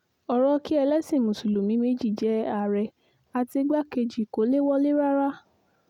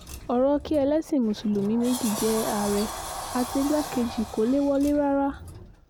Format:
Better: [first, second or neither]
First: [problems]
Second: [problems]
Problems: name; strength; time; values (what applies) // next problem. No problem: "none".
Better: first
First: none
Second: background sound (Sliding door); 11 dB below the speech